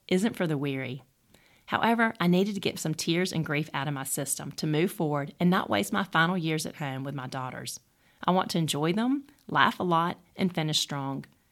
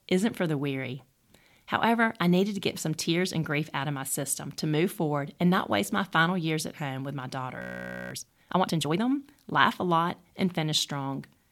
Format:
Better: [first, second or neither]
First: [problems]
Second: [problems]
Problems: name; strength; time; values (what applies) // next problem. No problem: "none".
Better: first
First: none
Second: audio freezing; at 7.5 s for 0.5 s